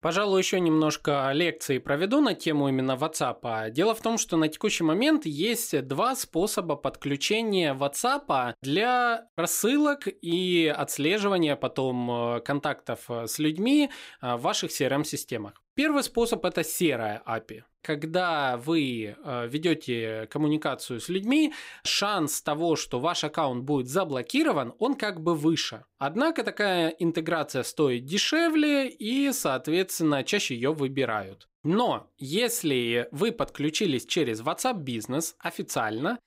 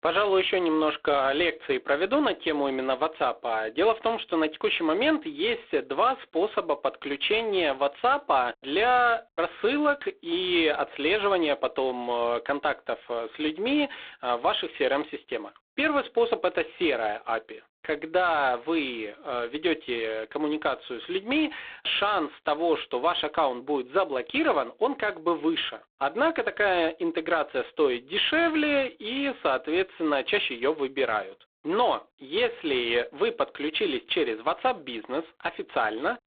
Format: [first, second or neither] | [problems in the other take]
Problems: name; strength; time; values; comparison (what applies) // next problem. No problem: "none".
first | phone-call audio; poor line; nothing above 3.5 kHz